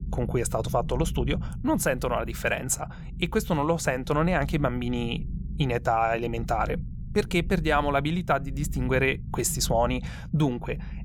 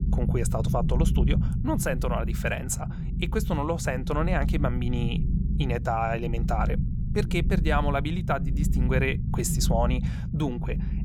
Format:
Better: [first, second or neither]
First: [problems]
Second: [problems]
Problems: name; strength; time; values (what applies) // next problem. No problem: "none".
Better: first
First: low rumble; faint; throughout; 20 dB below the speech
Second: low rumble; loud; throughout; 10 dB below the speech